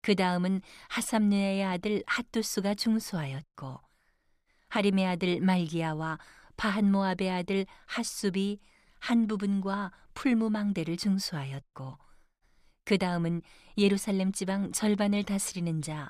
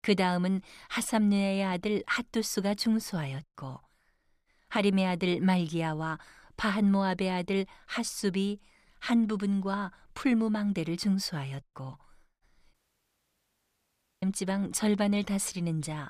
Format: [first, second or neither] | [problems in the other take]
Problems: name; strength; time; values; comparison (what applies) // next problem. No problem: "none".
first | audio cutting out; at 13 s for 1.5 s